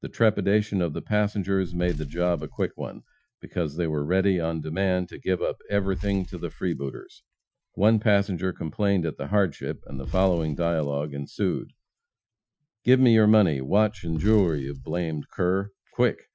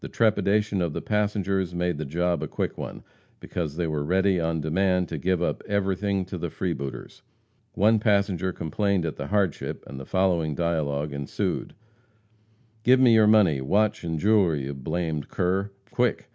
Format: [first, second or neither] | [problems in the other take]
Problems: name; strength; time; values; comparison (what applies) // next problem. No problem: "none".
second | noise reduction (classical method Wiener filter)